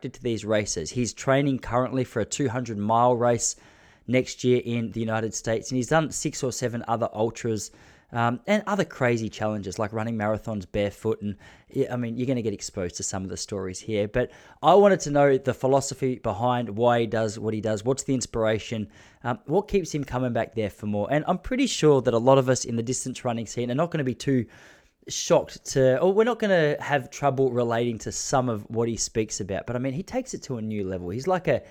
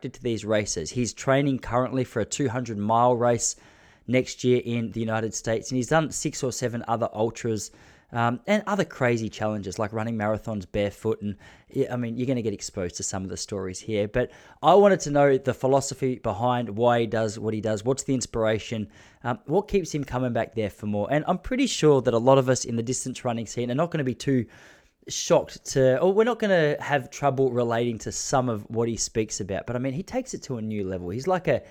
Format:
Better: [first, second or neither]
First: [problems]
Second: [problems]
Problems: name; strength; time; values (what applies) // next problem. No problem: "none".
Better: neither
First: none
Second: none